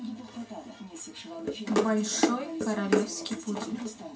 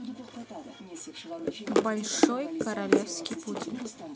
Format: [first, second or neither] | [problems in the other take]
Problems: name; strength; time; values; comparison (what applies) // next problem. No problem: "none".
second | room echo; dies away in 0.2 s